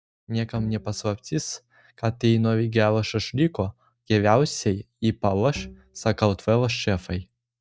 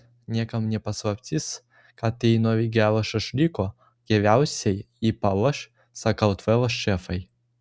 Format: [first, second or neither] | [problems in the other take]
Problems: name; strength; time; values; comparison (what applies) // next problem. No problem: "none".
second | noise reduction (neural mask model DeepFilterNet 3)